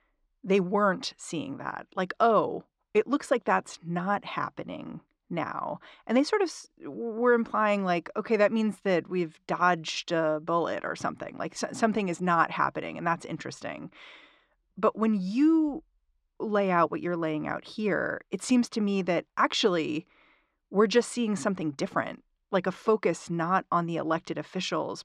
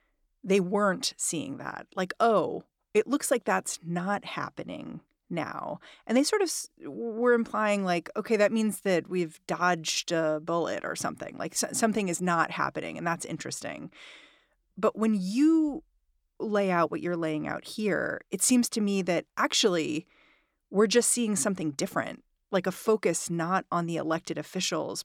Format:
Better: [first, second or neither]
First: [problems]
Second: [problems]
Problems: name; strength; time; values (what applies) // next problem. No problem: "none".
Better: second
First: muffled; slightly; fading above 4 kHz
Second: none